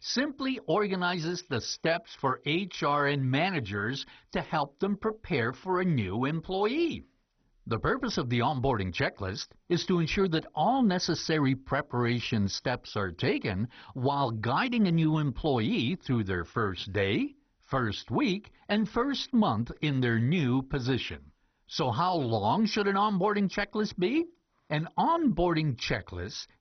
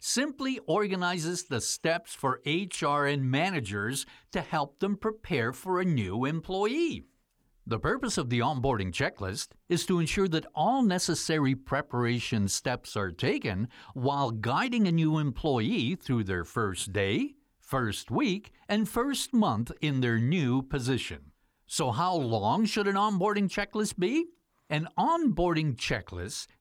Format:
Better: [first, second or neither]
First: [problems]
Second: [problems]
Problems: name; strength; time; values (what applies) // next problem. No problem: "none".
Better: second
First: garbled, watery; badly; nothing above 6 kHz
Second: none